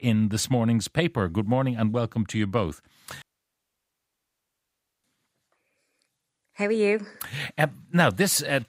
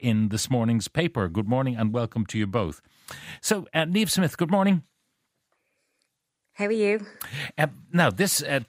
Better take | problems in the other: second | audio cutting out; at 3 s for 2 s

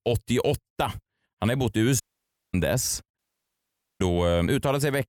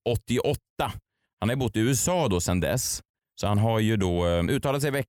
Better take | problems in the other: second | audio cutting out; at 2 s for 0.5 s and at 3 s for 1 s

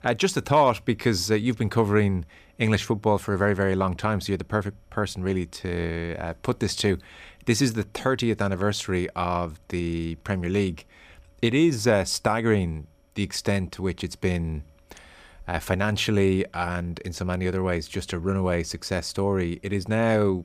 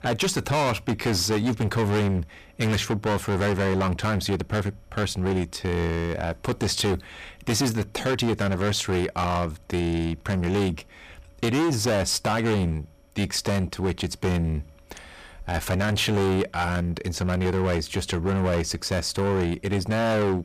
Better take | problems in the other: first | distortion; heavy; 20% of the sound clipped

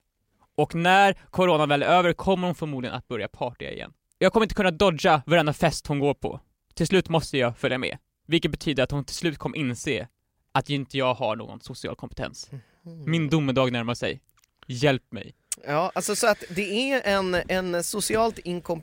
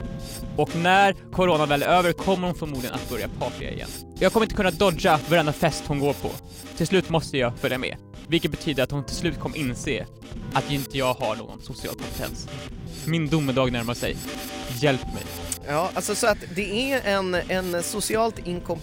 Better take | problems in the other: first | background music; noticeable; throughout; 10 dB below the speech

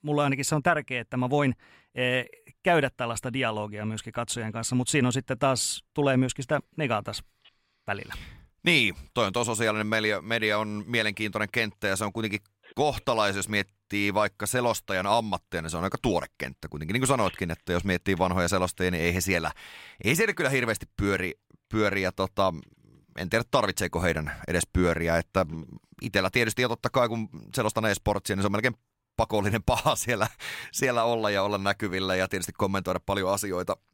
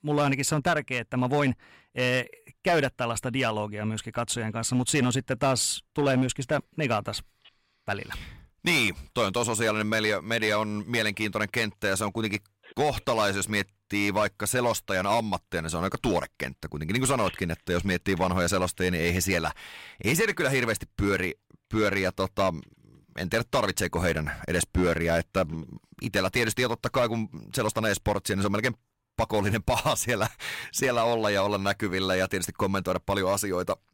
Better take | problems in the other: first | distortion; slight; 5% of the sound clipped

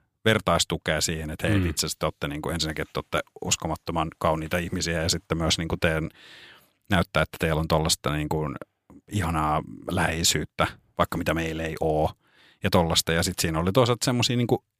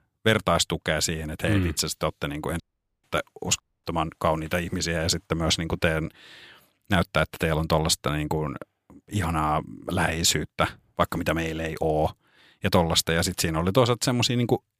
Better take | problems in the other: first | audio cutting out; at 2.5 s and at 3.5 s

